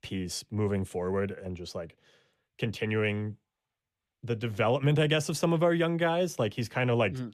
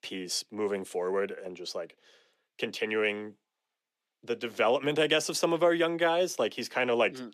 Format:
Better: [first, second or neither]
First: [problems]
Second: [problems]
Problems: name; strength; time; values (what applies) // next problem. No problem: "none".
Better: first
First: none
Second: thin; somewhat; fading below 300 Hz